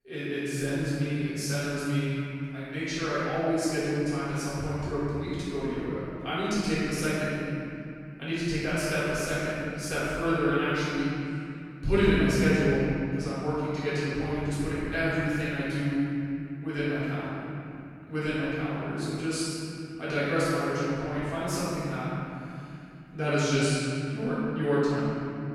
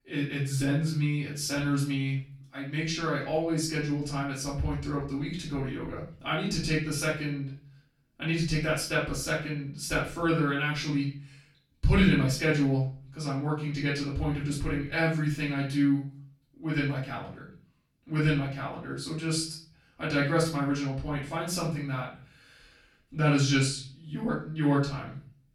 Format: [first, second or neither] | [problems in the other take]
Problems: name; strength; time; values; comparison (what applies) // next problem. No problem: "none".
second | room echo; strong; dies away in 3 s; slight in the second // off-mic speech; far; far in the second